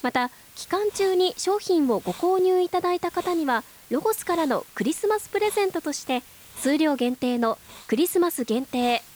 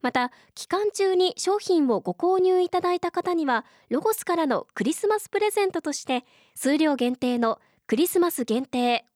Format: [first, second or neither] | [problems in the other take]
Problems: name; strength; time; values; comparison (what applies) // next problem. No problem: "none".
second | hiss; noticeable; throughout; 20 dB below the speech